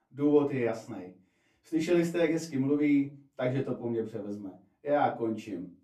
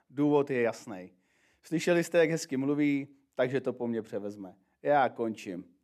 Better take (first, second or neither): second